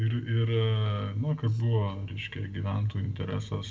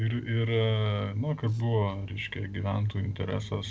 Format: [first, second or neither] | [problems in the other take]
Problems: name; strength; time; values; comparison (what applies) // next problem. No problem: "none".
second | room echo; dies away in 0.8 s